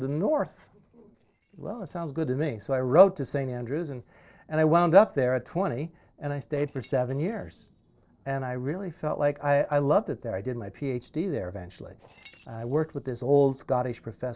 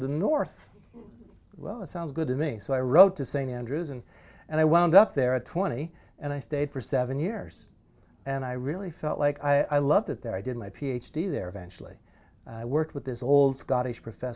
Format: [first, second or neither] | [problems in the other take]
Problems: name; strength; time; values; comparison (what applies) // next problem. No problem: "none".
second | noise reduction (neural separator model SepFormer DNS4)